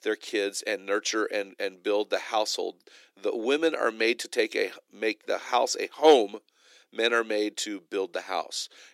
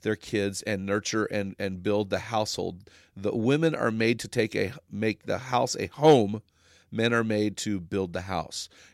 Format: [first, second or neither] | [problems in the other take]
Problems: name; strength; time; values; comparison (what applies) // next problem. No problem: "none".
second | thin; somewhat; fading below 300 Hz